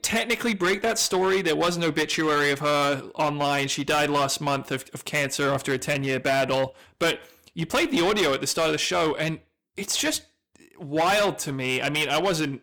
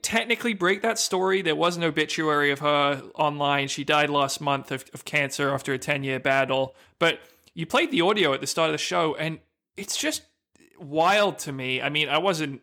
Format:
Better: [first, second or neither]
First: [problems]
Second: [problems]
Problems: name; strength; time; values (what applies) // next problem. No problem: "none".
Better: second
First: distortion; heavy; 12% of the sound clipped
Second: none